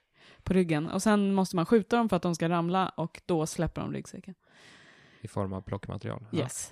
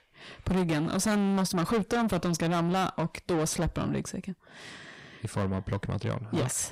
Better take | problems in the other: first | distortion; heavy; 5 dB below the speech

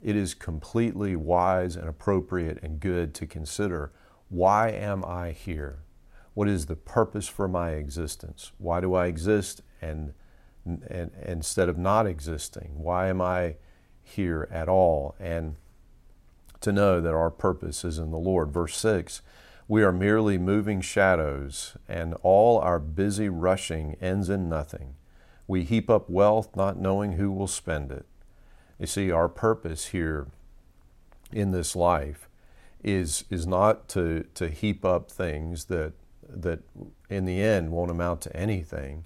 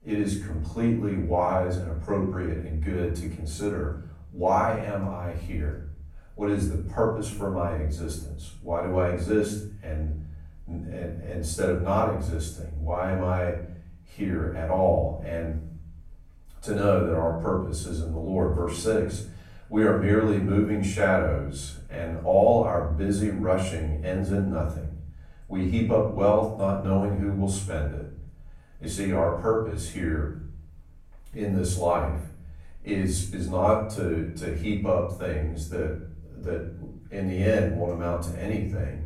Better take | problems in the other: first | room echo; noticeable; dies away in 0.7 s // off-mic speech; far

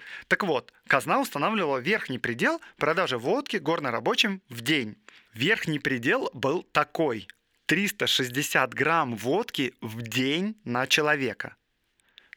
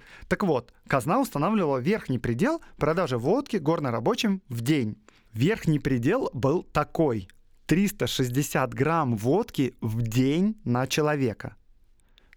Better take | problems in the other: second | thin; somewhat; fading below 750 Hz

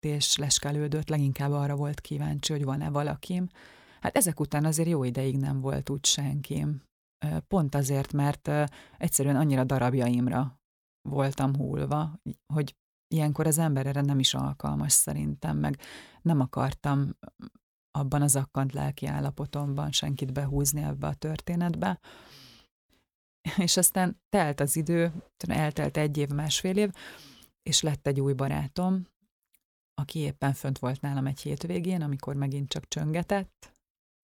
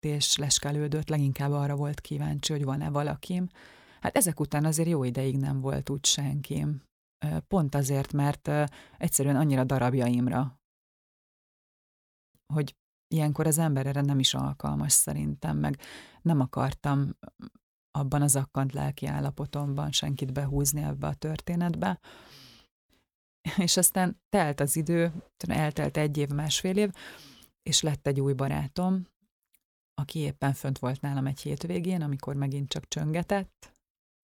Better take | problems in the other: first | audio cutting out; at 11 s for 1.5 s

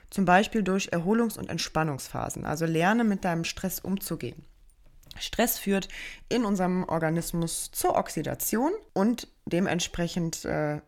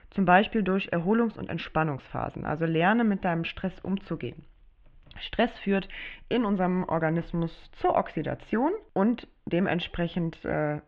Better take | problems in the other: first | muffled; very; fading above 3 kHz

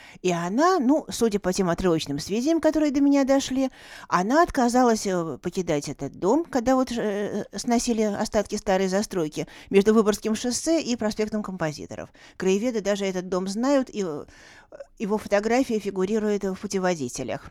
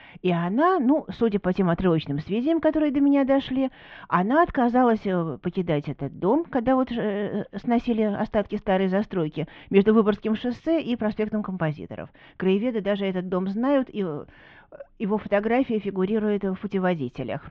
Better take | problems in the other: first | muffled; very; fading above 3.5 kHz

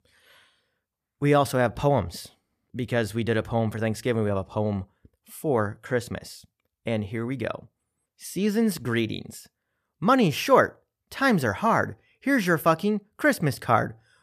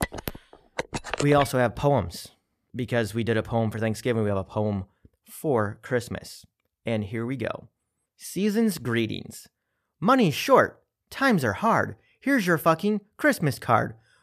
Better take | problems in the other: first | phone ringing; noticeable; until 1.5 s; peak 6 dB below the speech

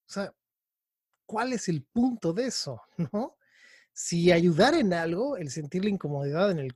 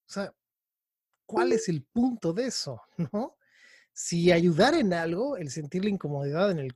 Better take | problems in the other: first | phone ringing; noticeable; at 1.5 s; peak level with the speech

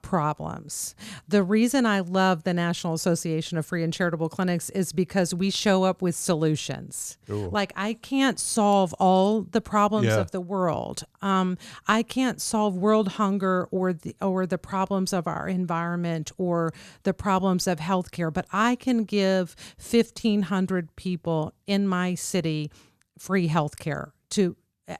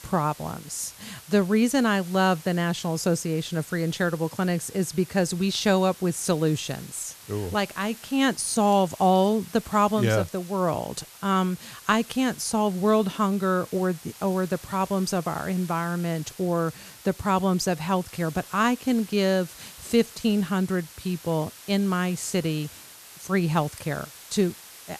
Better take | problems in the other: first | hiss; noticeable; throughout; 20 dB below the speech

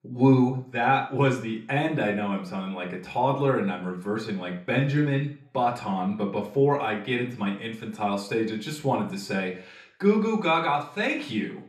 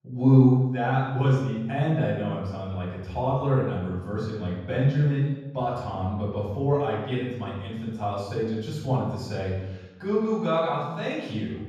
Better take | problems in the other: first | room echo; strong; dies away in 1.3 s; slight in the first // off-mic speech; far; far in the first

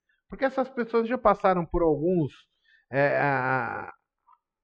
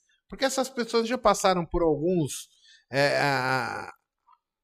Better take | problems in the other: second | muffled; very; fading above 2 kHz

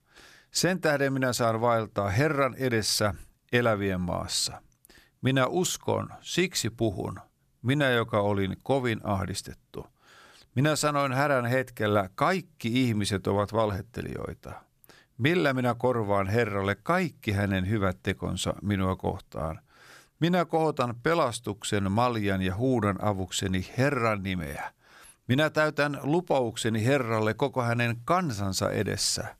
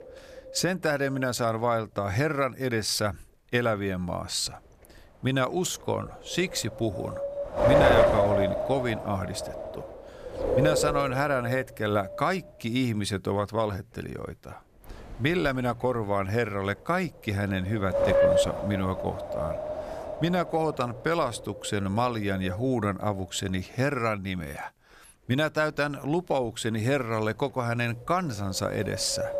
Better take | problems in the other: first | wind noise on the microphone; heavy; 2 dB above the speech

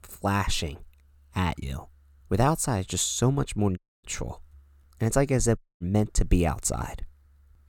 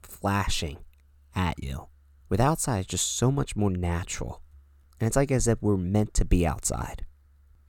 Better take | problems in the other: second | audio cutting out; at 4 s and at 5.5 s

